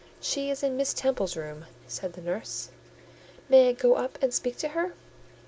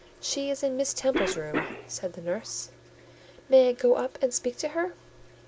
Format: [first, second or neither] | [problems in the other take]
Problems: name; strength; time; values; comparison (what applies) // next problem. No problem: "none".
first | background sound (Cough); 11 dB below the speech